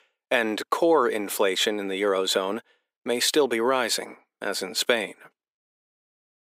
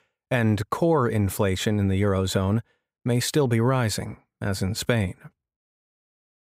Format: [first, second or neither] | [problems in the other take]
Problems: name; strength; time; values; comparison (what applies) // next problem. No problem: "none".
second | thin; very; fading below 300 Hz